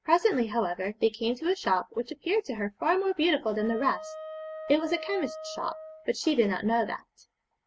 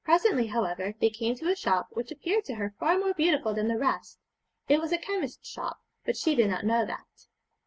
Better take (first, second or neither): second